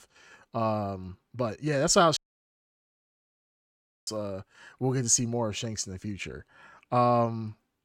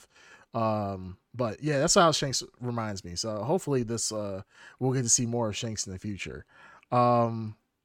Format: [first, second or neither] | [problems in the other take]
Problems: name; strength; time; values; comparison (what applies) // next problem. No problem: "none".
second | audio cutting out; at 2 s for 2 s